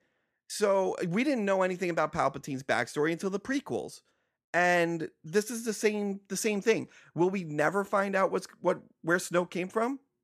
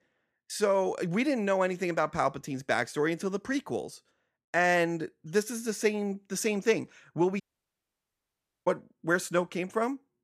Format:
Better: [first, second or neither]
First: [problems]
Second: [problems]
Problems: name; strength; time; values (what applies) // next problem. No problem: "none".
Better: first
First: none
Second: audio cutting out; at 7.5 s for 1.5 s